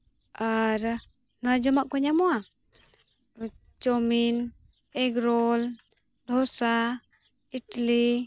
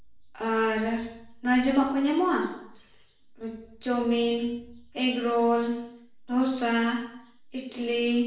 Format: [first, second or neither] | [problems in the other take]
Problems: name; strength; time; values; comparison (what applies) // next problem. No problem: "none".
first | room echo; dies away in 0.7 s